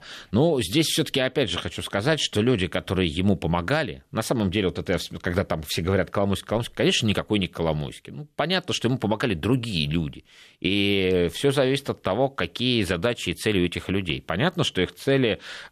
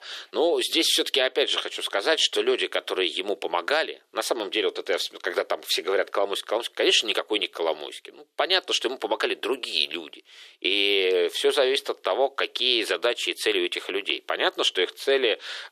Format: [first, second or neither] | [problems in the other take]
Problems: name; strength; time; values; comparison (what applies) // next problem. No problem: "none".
first | thin; very; fading below 350 Hz